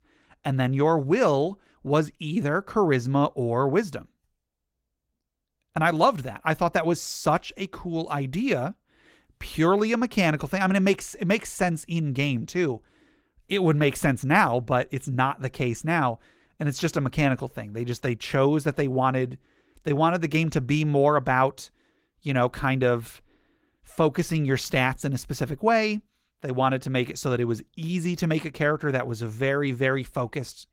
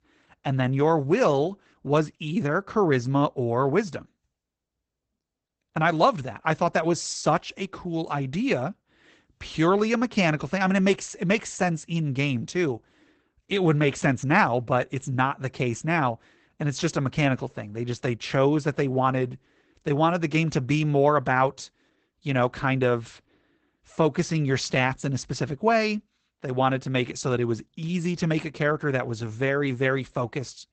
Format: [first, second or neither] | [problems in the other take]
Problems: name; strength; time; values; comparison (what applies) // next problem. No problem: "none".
first | garbled, watery; badly; nothing above 8 kHz; slightly in the first